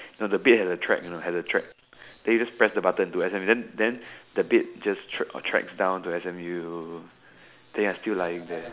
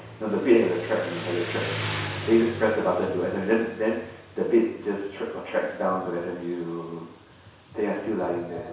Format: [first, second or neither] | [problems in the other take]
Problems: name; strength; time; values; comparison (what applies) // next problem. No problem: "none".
first | background sound (Motorcycle); 12 dB below the speech // room echo; dies away in 0.7 s